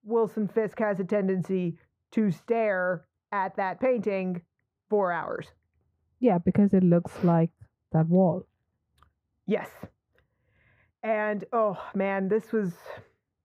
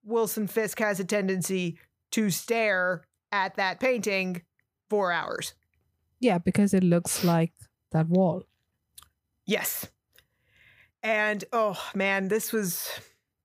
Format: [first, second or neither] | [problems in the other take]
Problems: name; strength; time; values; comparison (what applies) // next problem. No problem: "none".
second | muffled; very; fading above 3 kHz